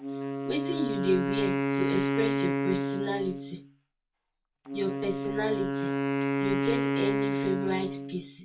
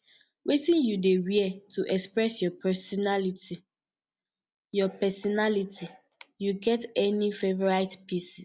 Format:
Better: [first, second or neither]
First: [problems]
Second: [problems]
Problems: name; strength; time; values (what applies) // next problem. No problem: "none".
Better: second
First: background sound (Wind instrument, woodwind instrument); 3 dB above the speech // room echo; dies away in 0.2 s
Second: none